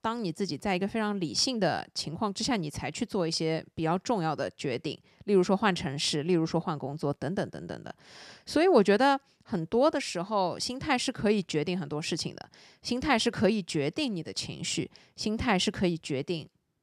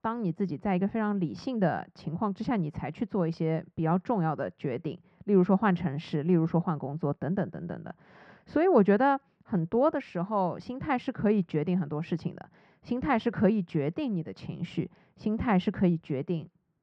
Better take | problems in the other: first | muffled; very; fading above 1.5 kHz

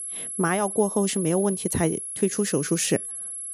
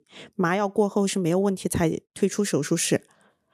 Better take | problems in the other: second | high-pitched whine; loud; throughout; 11 kHz, 6 dB below the speech

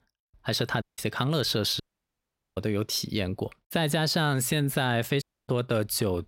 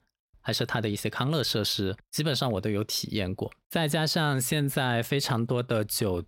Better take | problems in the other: second | audio cutting out; at 1 s, at 2 s for 1 s and at 5 s

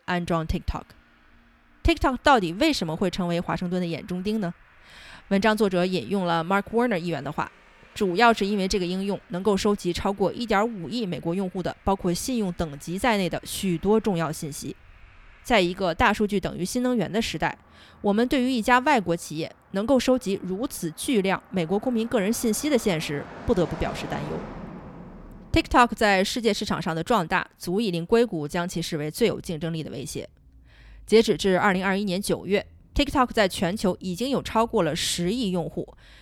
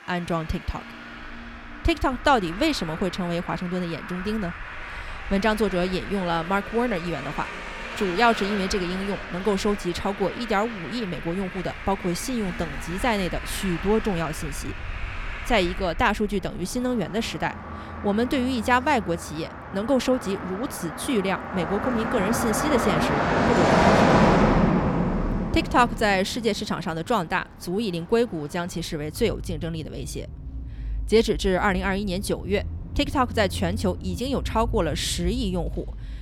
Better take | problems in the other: first | traffic noise; loud; throughout; 3 dB below the speech; faint in the first

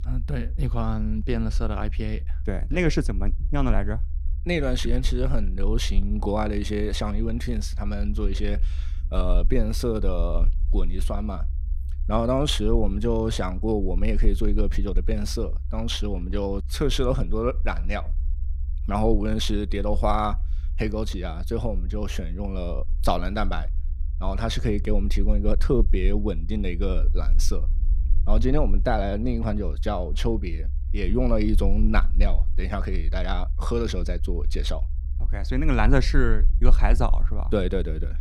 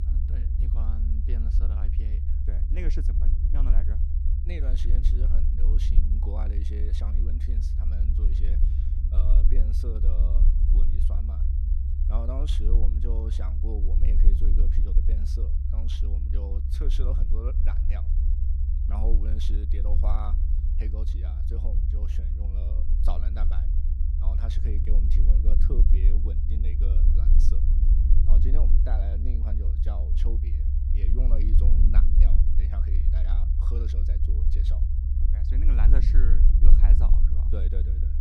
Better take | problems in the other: first | low rumble; loud; throughout; 1 dB below the speech; faint in the first

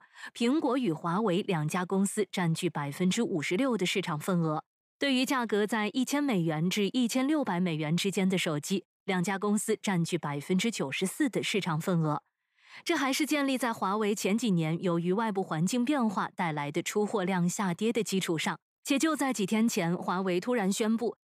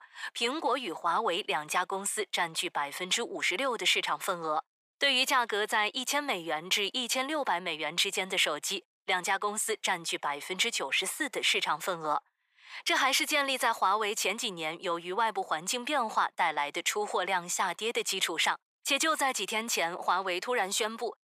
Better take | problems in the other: first | thin; very; fading below 750 Hz

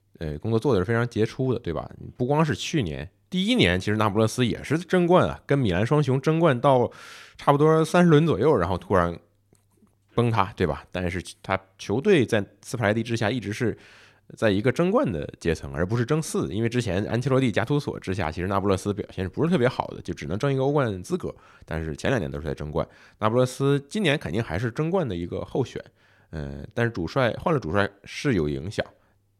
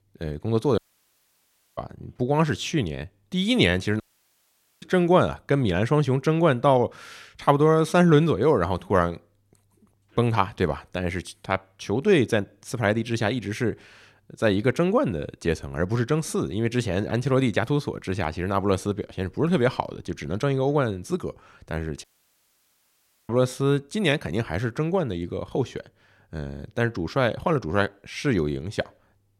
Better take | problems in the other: first | audio cutting out; at 1 s for 1 s, at 4 s for 1 s and at 22 s for 1.5 s

